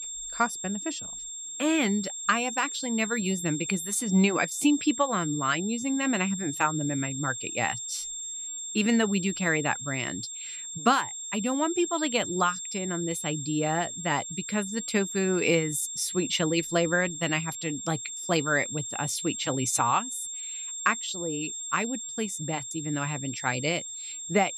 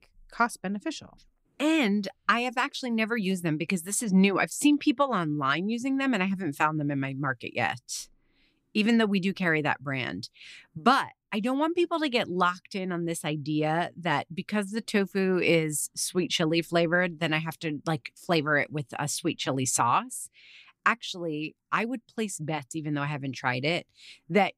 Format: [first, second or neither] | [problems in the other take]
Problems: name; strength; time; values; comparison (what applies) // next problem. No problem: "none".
second | high-pitched whine; loud; throughout; 7.5 kHz, 6 dB below the speech